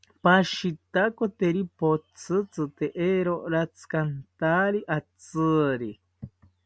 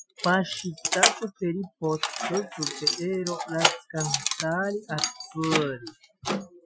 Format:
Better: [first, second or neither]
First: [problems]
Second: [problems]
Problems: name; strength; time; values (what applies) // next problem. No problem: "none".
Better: first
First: none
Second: noise reduction (classical method Wiener filter)